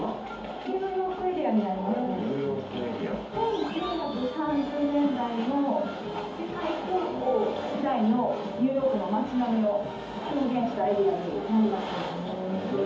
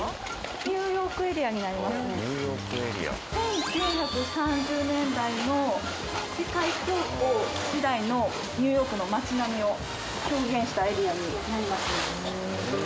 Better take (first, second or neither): second